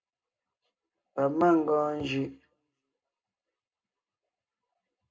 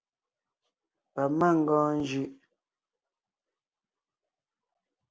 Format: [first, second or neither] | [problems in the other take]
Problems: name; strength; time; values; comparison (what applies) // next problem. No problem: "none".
second | room echo; dies away in 0.2 s